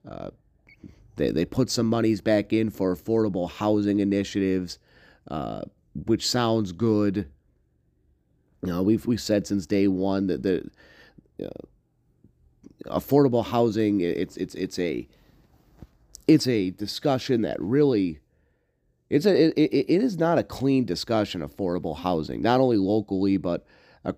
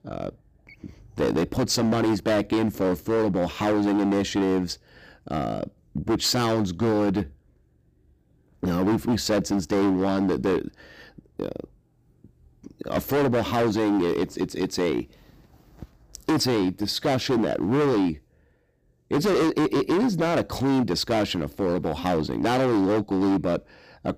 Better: first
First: none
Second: distortion; heavy; 16% of the sound clipped

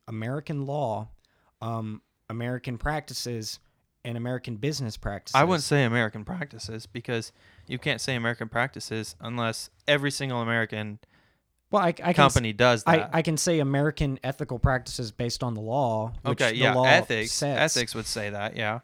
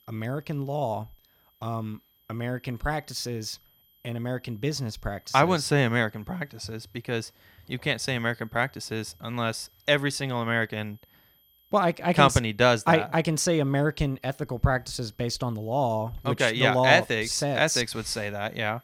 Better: first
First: none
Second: high-pitched whine; faint; throughout; 12 kHz, 35 dB below the speech

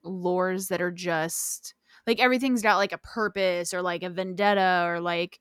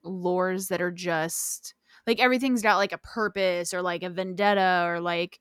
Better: neither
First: none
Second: none

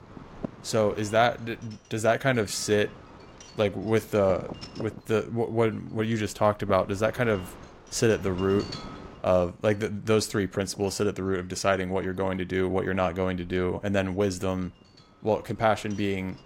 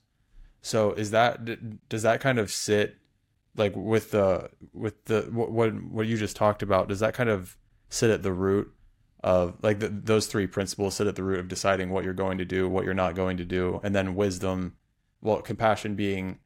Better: second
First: wind noise on the microphone; occasional gusts; 20 dB below the speech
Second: none

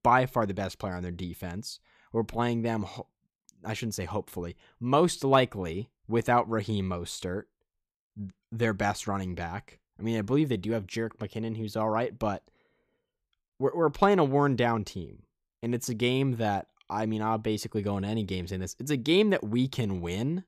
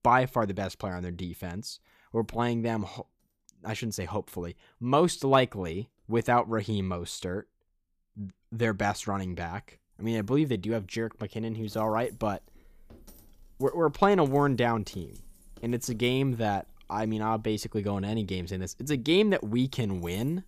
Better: first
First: none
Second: household noises; faint; throughout; 25 dB below the speech

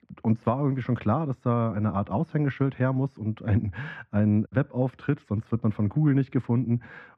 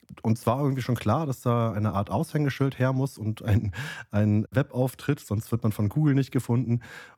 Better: second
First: muffled; very; fading above 2 kHz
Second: none

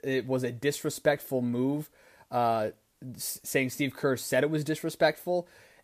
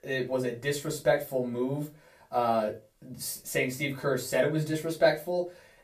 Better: first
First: none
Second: off-mic speech; far // room echo; very slight; dies away in 0.2 s

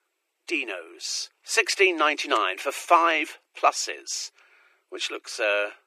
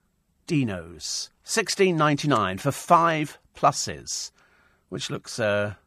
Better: second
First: thin; very; fading below 300 Hz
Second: none

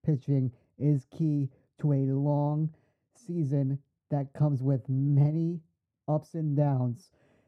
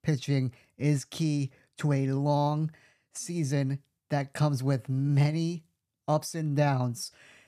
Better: second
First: muffled; very; fading above 1 kHz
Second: none

